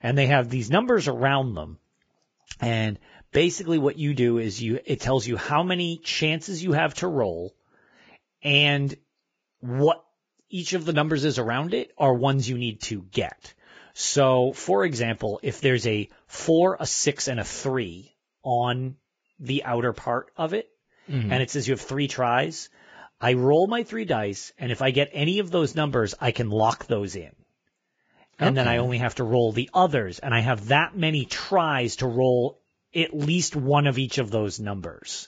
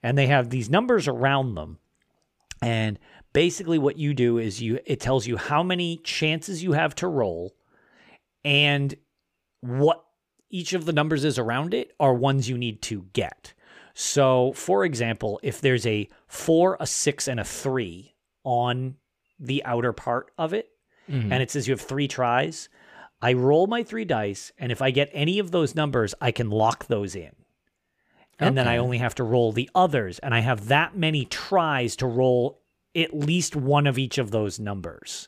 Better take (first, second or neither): second